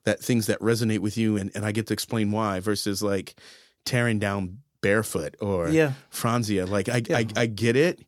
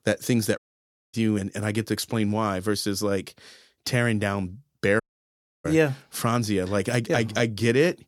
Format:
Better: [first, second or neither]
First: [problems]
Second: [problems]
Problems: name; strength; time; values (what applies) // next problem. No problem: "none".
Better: first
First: none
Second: audio cutting out; at 0.5 s for 0.5 s and at 5 s for 0.5 s